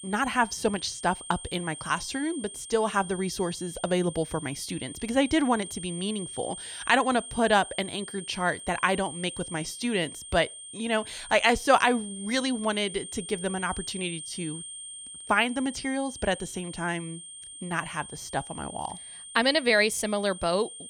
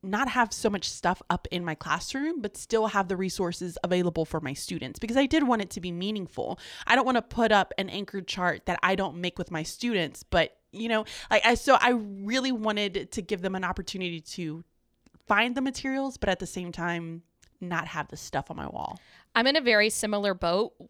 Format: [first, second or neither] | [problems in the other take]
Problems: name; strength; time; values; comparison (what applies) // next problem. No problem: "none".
second | high-pitched whine; noticeable; throughout; 8.5 kHz, 10 dB below the speech